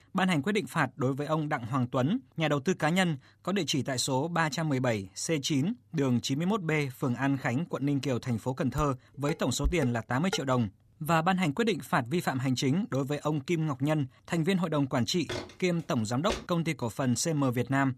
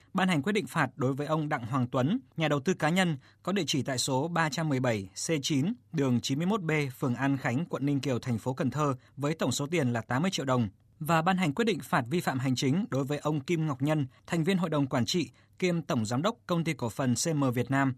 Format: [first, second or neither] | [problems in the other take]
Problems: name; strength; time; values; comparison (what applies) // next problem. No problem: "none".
second | clattering dishes; noticeable; from 9 to 10 s; peak 7 dB below the speech // footsteps; noticeable; from 15 to 16 s; peak 8 dB below the speech